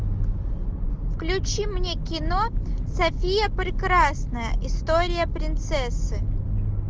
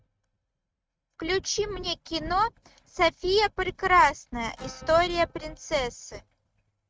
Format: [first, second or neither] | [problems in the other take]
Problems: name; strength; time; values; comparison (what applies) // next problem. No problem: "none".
first | noise reduction (neural mask model RNNoise)